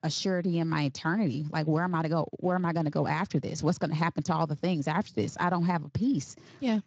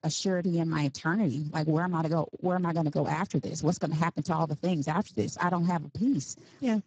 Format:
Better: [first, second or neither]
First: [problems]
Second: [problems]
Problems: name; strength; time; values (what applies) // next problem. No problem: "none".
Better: first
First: garbled, watery; slightly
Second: garbled, watery; badly; nothing above 7.5 kHz